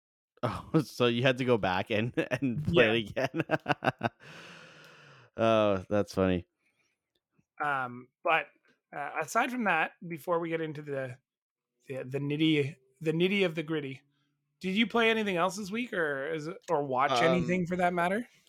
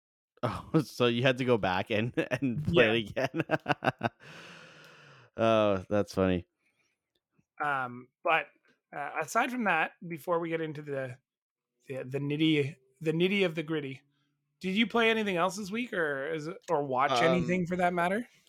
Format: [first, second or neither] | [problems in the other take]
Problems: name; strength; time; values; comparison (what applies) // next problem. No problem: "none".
neither | none